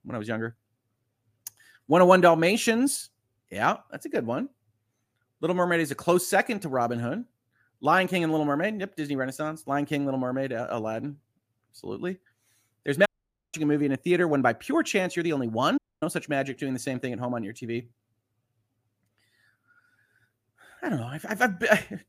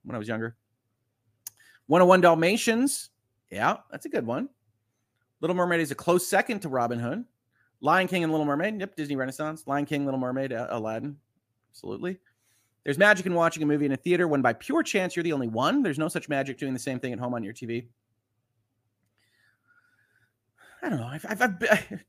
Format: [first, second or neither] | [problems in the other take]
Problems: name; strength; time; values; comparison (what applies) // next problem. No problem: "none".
second | audio cutting out; at 13 s and at 16 s